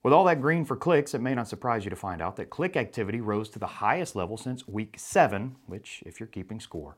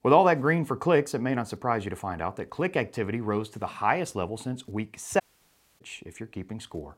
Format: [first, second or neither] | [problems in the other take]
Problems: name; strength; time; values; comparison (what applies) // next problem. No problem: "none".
first | audio cutting out; at 5 s for 0.5 s